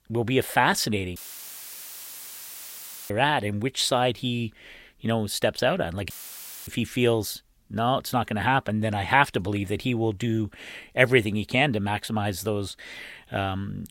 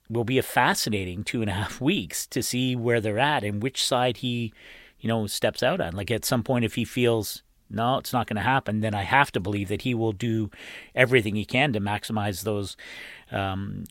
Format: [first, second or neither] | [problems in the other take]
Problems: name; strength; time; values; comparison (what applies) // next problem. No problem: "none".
second | audio cutting out; filled with static; at 1 s for 2 s and at 6 s for 0.5 s